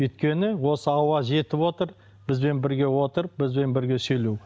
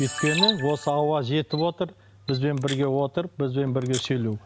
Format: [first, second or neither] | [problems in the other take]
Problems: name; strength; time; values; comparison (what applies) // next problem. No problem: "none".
first | background sound (Camera + Cricket); 8 dB below the speech